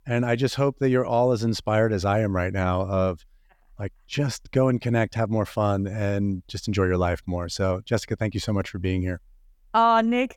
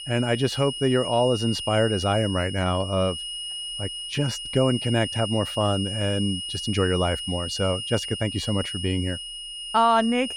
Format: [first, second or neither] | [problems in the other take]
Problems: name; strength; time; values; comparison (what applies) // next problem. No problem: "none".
first | high-pitched whine; loud; throughout; 3 kHz, 6 dB below the speech